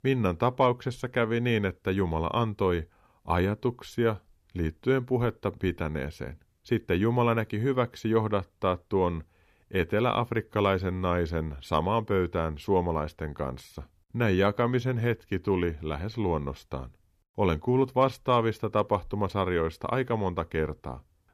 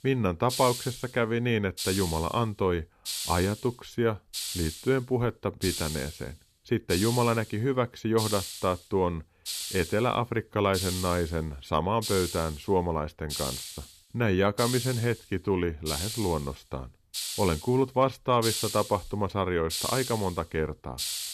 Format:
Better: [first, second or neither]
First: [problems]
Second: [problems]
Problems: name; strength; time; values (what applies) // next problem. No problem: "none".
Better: first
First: none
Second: hiss; loud; throughout; 6 dB below the speech